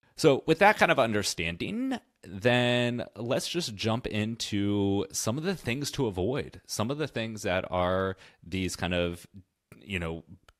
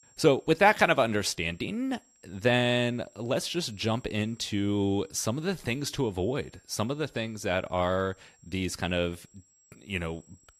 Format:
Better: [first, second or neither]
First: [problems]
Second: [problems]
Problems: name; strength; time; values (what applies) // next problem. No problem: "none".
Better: first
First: none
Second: high-pitched whine; faint; throughout; 7.5 kHz, 30 dB below the speech